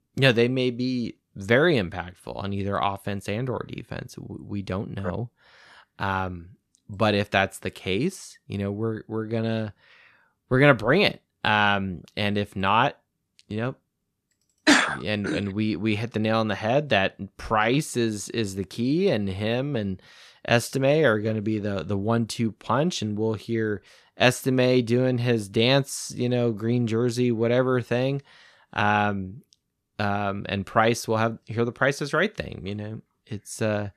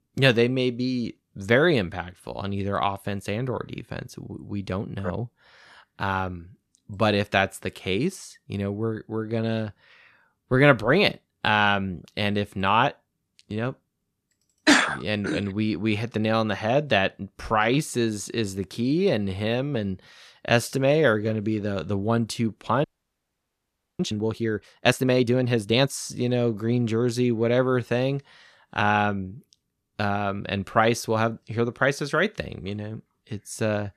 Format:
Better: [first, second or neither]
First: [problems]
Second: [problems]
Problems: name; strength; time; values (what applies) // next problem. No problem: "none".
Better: first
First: none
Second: audio freezing; at 23 s for 1 s